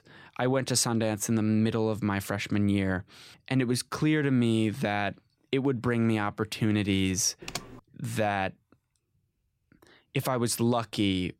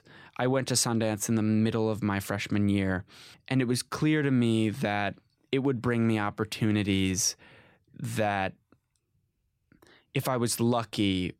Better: second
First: keyboard typing; faint; at 7.5 s; peak 10 dB below the speech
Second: none

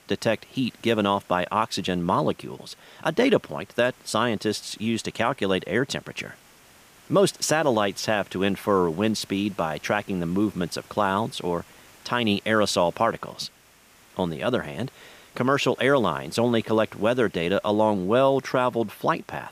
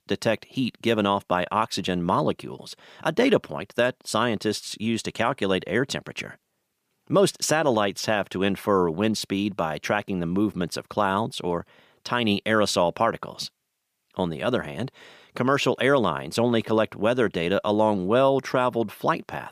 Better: second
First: hiss; faint; throughout; 25 dB below the speech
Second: none

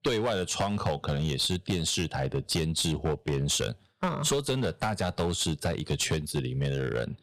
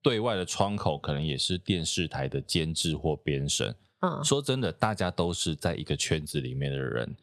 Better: second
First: distortion; heavy; 8% of the sound clipped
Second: none

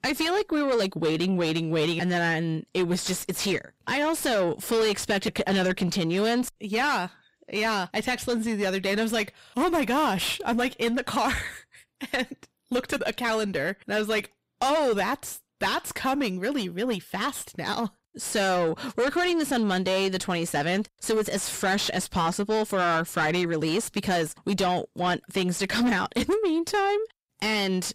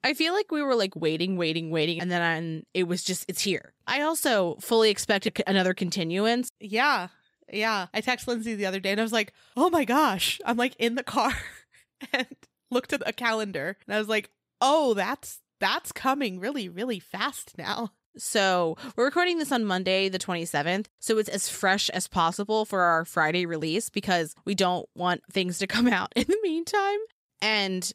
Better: second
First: distortion; heavy; 7 dB below the speech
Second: none

